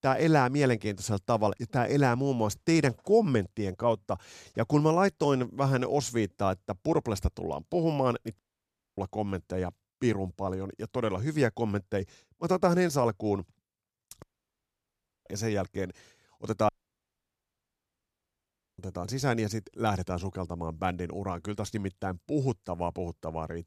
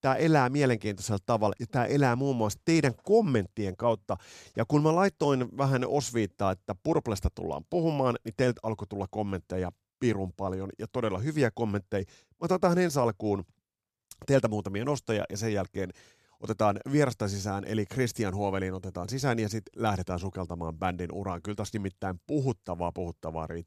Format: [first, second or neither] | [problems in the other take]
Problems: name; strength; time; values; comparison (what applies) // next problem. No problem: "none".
second | audio cutting out; at 8.5 s for 0.5 s, at 14 s for 1 s and at 17 s for 2 s